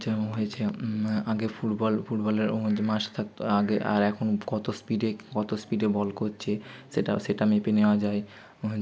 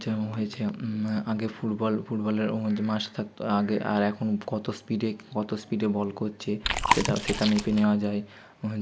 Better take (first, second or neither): first